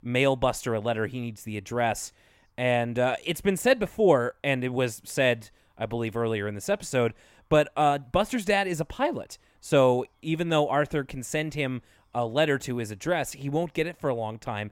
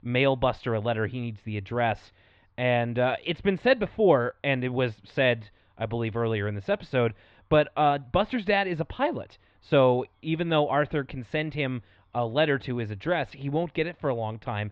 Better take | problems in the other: first | muffled; slightly; fading above 4 kHz

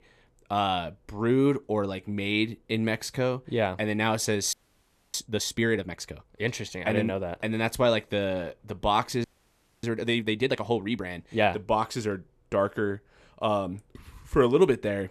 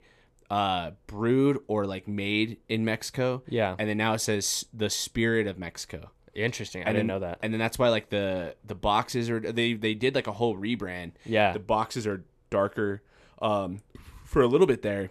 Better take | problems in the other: second | audio freezing; at 4.5 s for 0.5 s and at 9 s for 0.5 s

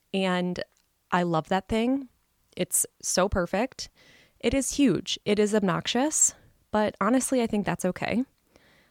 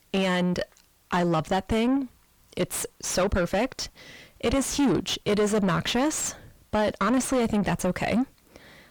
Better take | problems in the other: first | distortion; heavy; 4 dB below the speech

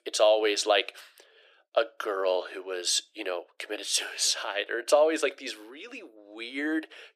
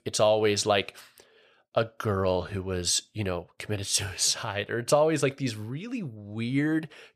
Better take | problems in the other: second | thin; very; fading below 300 Hz

